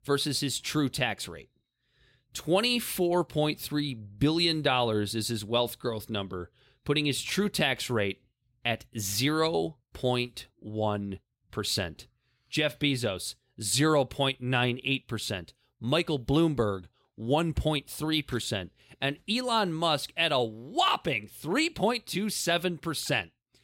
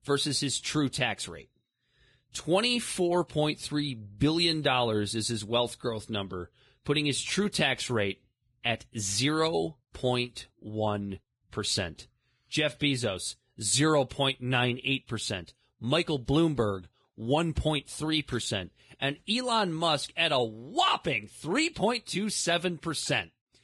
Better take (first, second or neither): first